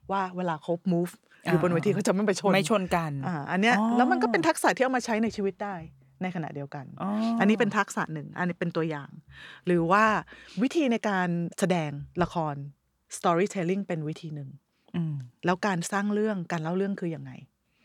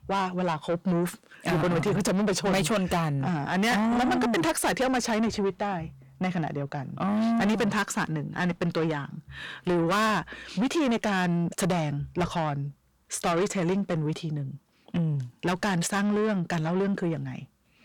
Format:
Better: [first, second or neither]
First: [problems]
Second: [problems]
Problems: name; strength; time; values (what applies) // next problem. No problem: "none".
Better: first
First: none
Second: distortion; heavy; 6 dB below the speech